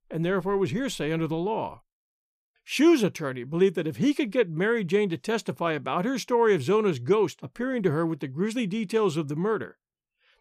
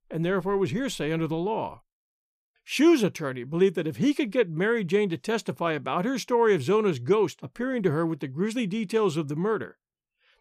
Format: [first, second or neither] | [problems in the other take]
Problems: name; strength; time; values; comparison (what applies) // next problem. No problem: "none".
neither | none